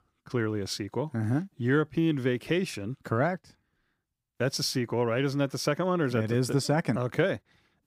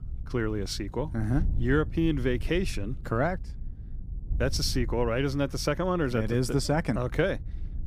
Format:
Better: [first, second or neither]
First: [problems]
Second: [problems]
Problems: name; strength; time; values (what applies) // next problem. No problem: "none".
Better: first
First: none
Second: wind noise on the microphone; occasional gusts; 25 dB below the speech